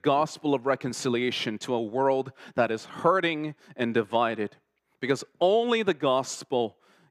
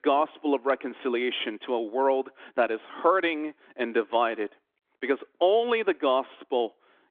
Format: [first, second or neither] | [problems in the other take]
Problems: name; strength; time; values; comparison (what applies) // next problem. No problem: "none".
first | phone-call audio; nothing above 3.5 kHz